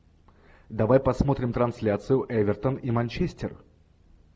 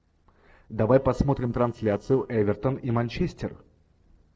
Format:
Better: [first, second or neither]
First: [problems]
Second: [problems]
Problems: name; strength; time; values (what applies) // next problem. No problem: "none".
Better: first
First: none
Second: noise reduction (neural separator model SepFormer DNS4)